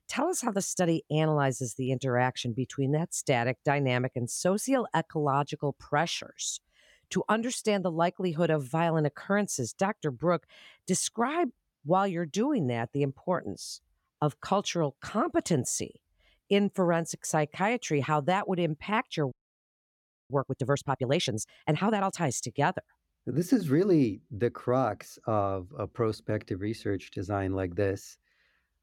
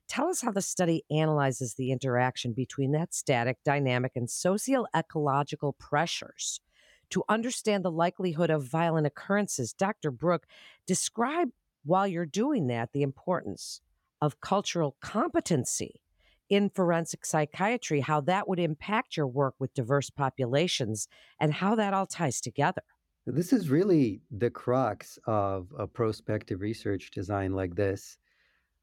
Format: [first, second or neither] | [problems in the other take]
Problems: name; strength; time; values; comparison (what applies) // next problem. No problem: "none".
second | audio freezing; at 19 s for 1 s